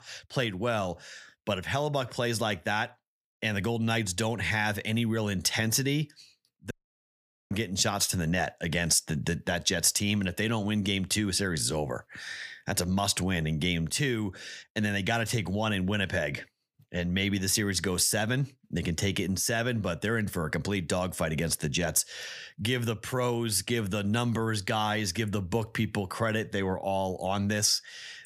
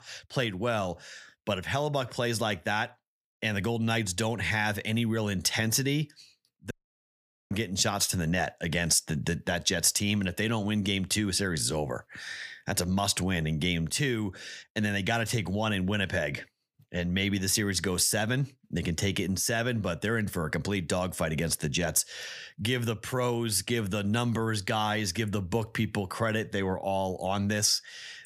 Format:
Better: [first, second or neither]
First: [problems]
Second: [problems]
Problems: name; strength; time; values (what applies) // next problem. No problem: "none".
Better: neither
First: audio cutting out; at 6.5 s for 1 s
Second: audio cutting out; at 6.5 s for 1 s